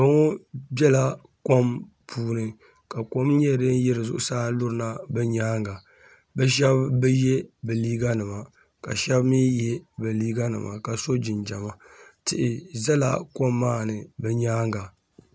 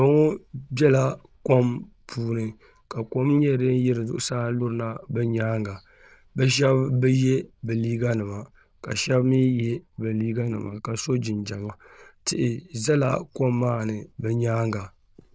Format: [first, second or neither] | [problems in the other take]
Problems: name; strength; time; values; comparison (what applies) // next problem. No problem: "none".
first | noise reduction (neural diffusion model UNIVERSE++)